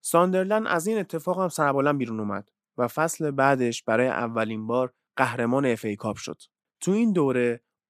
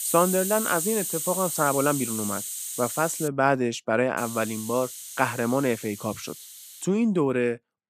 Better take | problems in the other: first | hiss; loud; until 3.5 s and from 4 to 7 s; 5 dB below the speech

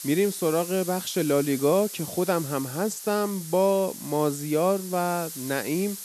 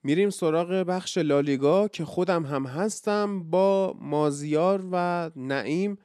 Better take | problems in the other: second | hiss; noticeable; throughout; 10 dB below the speech

